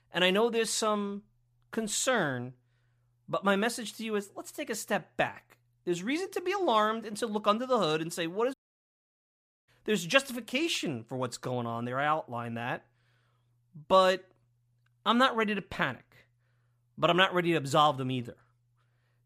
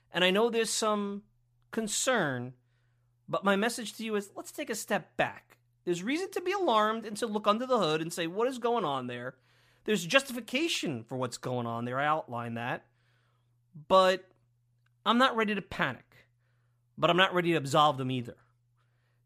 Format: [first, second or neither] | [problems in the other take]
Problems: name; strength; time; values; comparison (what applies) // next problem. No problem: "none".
second | audio cutting out; at 8.5 s for 1 s